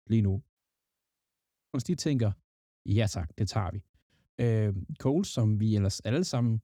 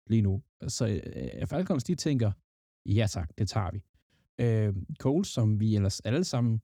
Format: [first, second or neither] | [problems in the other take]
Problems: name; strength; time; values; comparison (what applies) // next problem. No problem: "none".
second | audio cutting out; at 0.5 s for 1 s